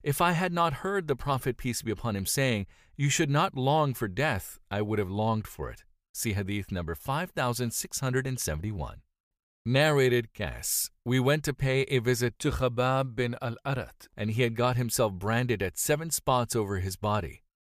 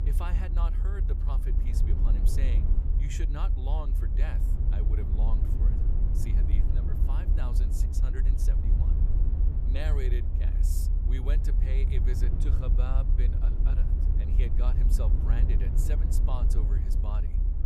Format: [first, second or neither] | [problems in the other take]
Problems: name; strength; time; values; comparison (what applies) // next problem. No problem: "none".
first | low rumble; loud; throughout; 2 dB below the speech